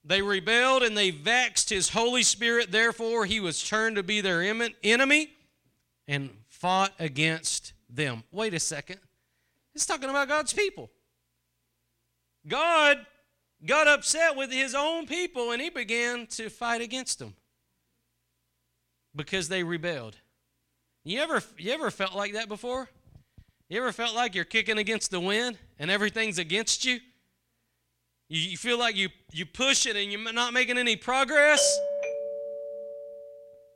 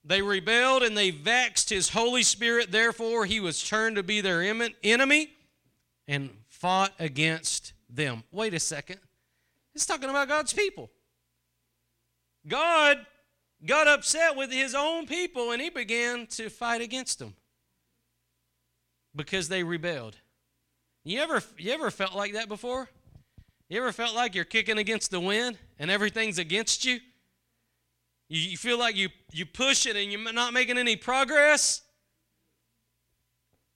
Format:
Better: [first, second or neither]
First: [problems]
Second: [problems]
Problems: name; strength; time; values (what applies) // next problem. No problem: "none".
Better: second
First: doorbell; noticeable; from 32 to 33 s; peak 1 dB below the speech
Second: none